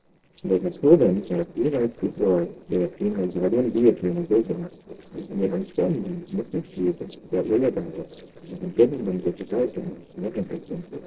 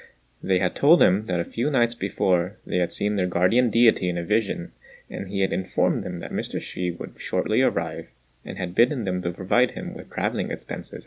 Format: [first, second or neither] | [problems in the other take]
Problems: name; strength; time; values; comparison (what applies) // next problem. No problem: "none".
second | noise reduction (neural separator model SepFormer DNS4)